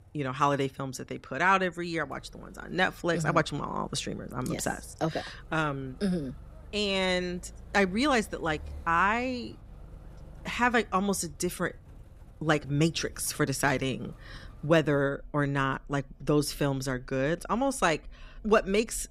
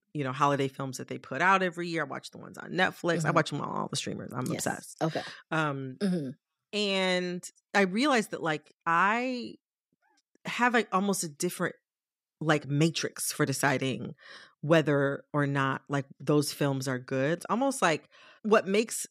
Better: second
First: traffic noise; faint; throughout; 20 dB below the speech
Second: none

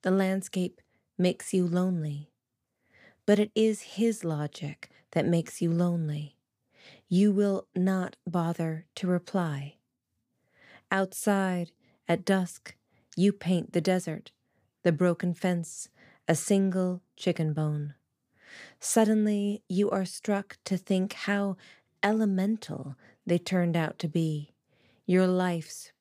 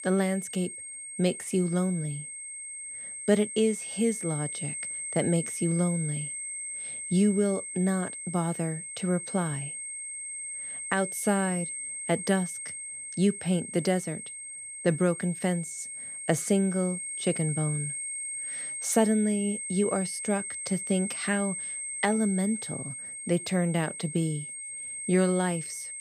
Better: first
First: none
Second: high-pitched whine; loud; throughout; 8.5 kHz, 6 dB below the speech

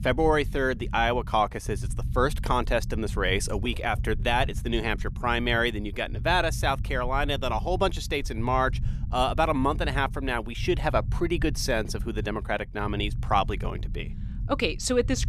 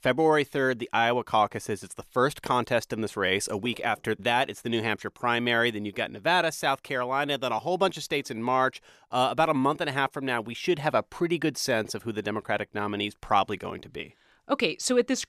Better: second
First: low rumble; faint; throughout; 20 dB below the speech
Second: none

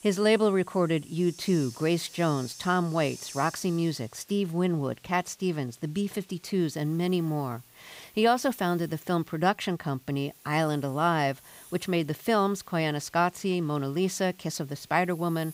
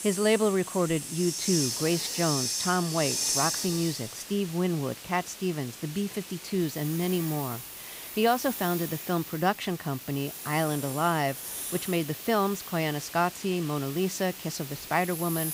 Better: first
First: hiss; faint; throughout; 20 dB below the speech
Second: hiss; loud; throughout; 5 dB below the speech

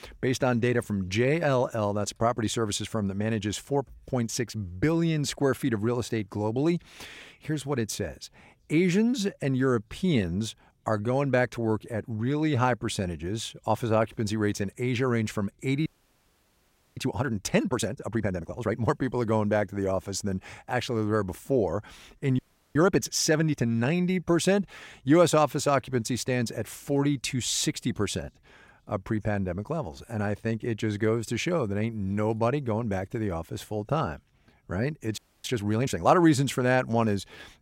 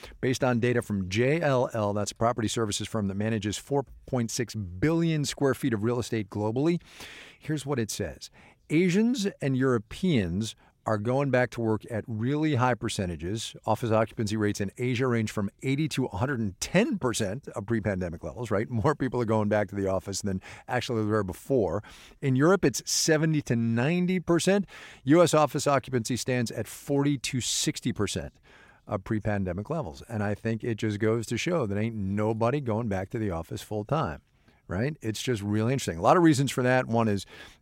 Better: second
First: audio freezing; at 16 s for 1 s, at 22 s and at 35 s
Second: none

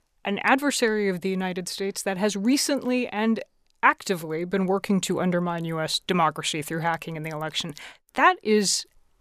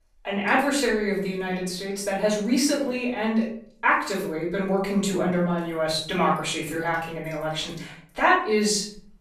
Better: first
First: none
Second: off-mic speech; far // room echo; noticeable; dies away in 0.5 s

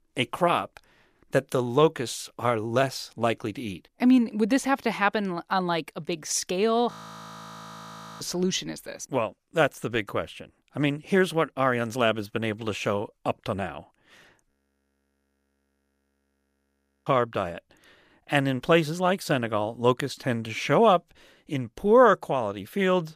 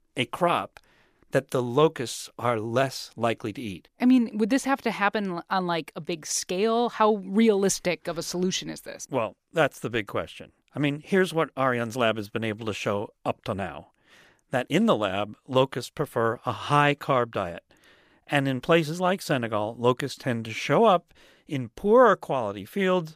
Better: second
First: audio freezing; at 7 s for 1.5 s and at 14 s for 2.5 s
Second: none

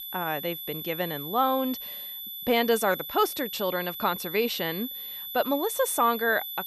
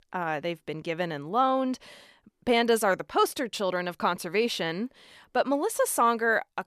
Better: second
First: high-pitched whine; loud; throughout; 3.5 kHz, 7 dB below the speech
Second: none

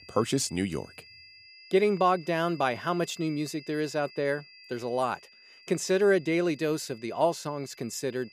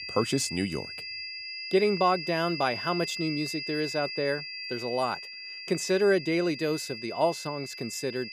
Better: first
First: high-pitched whine; faint; throughout; 5 kHz, 20 dB below the speech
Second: high-pitched whine; loud; throughout; 5 kHz, 7 dB below the speech

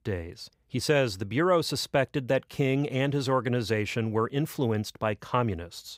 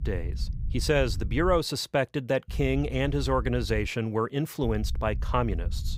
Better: first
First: none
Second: low rumble; faint; until 1.5 s, from 2.5 to 4 s and from 4.5 s on; 25 dB below the speech

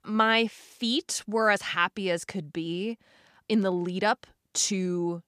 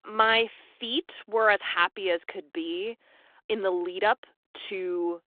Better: first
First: none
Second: phone-call audio

